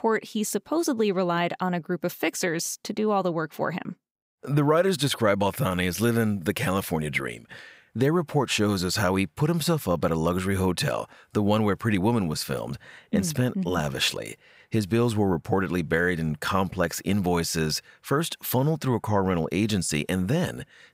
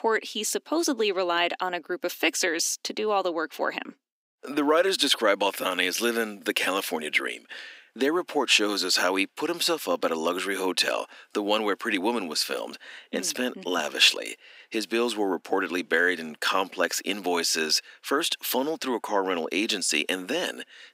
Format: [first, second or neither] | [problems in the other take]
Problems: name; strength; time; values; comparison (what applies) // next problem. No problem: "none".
first | thin; somewhat; fading below 250 Hz